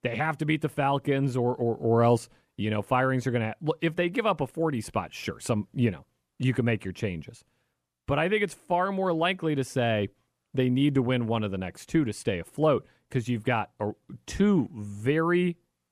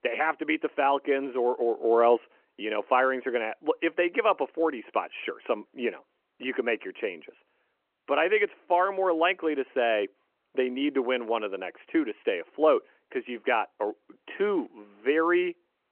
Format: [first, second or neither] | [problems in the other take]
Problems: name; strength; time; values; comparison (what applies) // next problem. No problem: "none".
first | phone-call audio